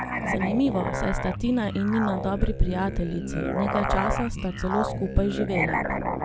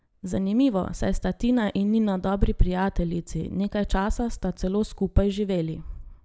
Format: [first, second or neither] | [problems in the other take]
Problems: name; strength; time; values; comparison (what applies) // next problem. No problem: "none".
second | background sound (Musical instrument); 3 dB below the speech